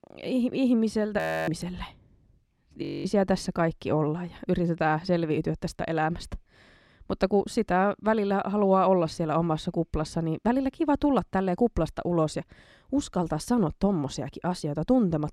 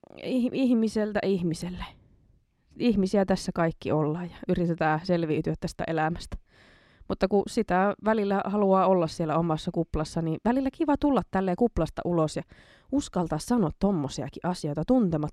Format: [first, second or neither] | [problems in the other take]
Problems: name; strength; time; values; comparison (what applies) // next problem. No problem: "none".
second | audio freezing; at 1 s and at 3 s